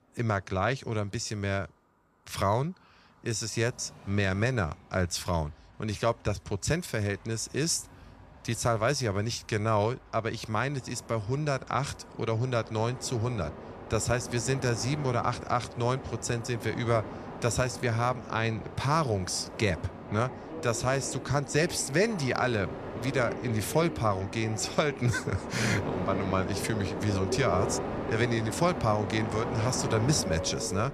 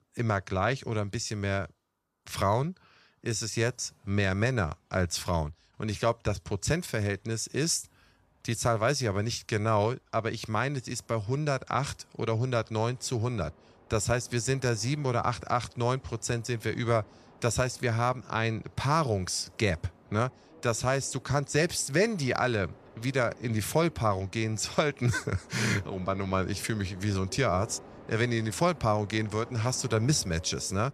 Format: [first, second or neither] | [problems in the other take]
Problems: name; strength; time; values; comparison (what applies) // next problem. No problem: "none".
second | train or aircraft noise; loud; throughout; 8 dB below the speech; faint in the second